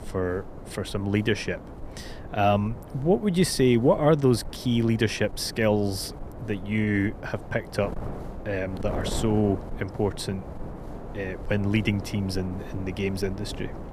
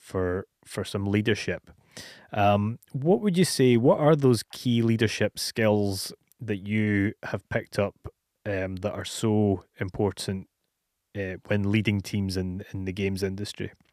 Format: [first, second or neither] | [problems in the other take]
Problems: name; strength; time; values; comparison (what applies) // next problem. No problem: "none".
second | wind noise on the microphone; occasional gusts; 15 dB below the speech